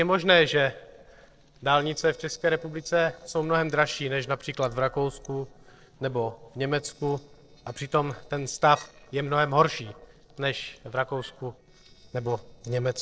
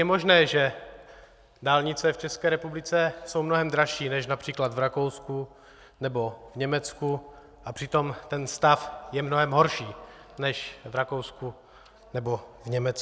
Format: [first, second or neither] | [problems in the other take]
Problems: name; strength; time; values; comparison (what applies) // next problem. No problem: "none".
second | noise reduction (neural separator model SepFormer DNS4)